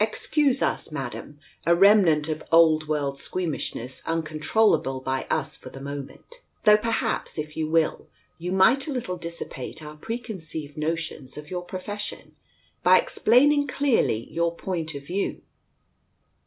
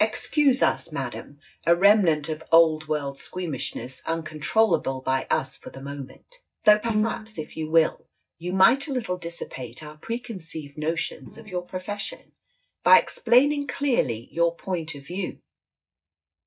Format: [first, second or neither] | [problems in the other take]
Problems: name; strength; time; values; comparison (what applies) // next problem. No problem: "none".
first | noise reduction (neural mask model DeepFilterNet 3)